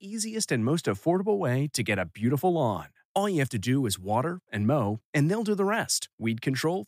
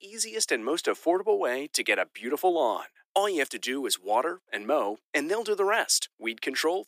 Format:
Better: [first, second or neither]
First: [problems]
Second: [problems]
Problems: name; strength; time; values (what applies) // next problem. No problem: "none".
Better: first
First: none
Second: thin; very; fading below 350 Hz